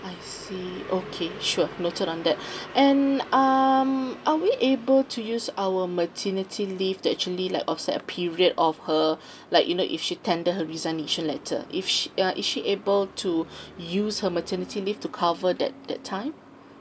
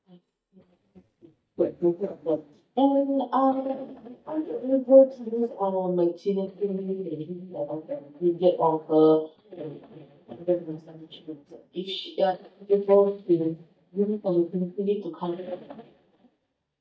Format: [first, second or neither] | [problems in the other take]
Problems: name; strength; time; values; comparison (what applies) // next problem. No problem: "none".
first | noise reduction (neural mask model DeepFilterNet 3)